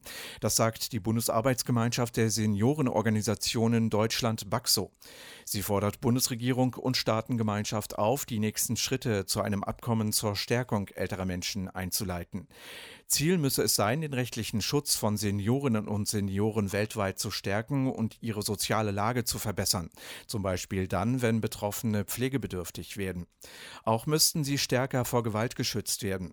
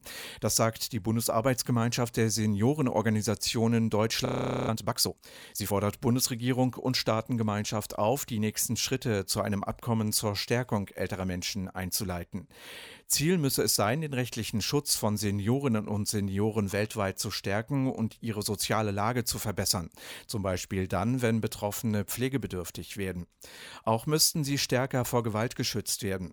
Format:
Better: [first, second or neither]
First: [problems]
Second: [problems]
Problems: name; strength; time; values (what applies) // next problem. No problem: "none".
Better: first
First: none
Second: audio freezing; at 4.5 s